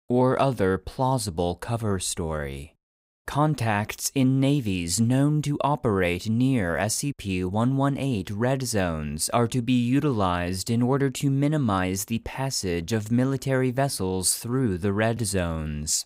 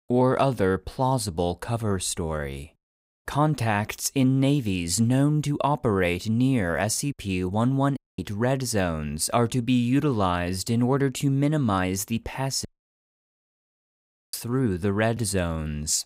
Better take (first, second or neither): first